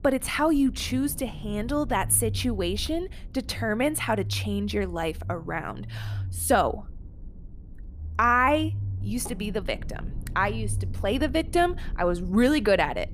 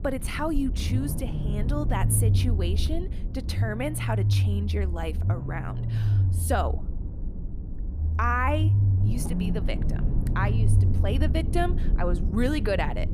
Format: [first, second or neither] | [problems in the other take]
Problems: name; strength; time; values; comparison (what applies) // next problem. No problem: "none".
first | low rumble; loud; throughout; 9 dB below the speech; faint in the first